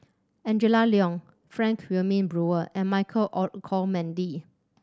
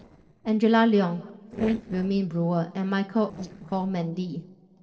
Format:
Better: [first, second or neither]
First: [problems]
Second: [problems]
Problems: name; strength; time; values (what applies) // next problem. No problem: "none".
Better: first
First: none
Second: noise reduction (neural separator model SepFormer DNS4)